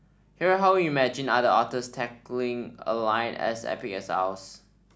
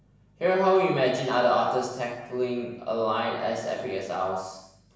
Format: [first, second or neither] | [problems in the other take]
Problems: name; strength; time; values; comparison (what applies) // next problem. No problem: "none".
first | room echo; dies away in 0.8 s